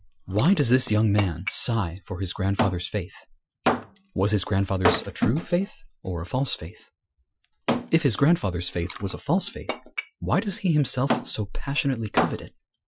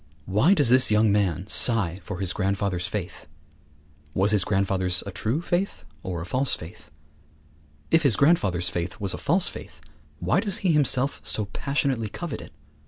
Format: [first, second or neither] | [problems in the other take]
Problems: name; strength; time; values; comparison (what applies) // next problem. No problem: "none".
second | noise reduction (classical method Wiener filter)